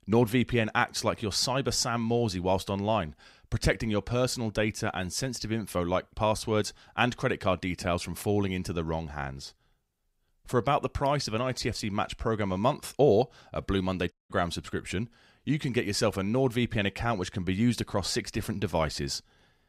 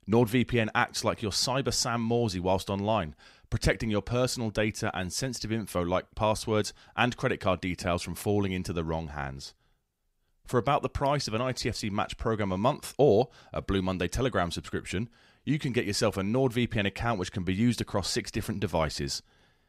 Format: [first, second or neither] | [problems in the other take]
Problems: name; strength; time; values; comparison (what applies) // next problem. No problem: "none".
second | audio cutting out; at 14 s